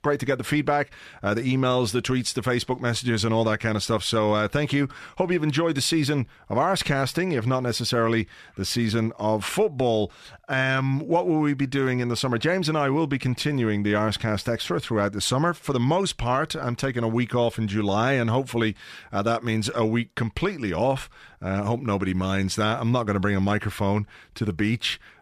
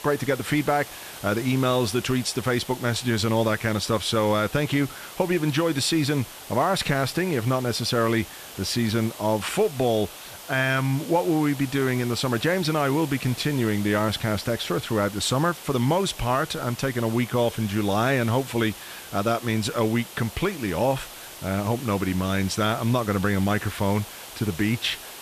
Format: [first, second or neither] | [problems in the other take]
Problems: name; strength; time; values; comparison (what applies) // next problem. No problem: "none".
first | hiss; noticeable; throughout; 15 dB below the speech